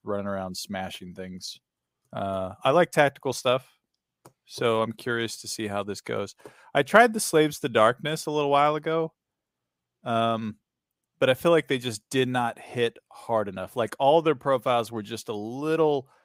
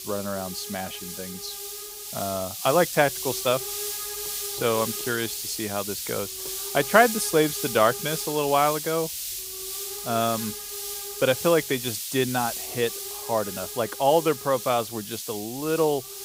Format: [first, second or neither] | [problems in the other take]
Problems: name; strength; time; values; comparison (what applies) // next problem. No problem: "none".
first | hiss; loud; throughout; 6 dB below the speech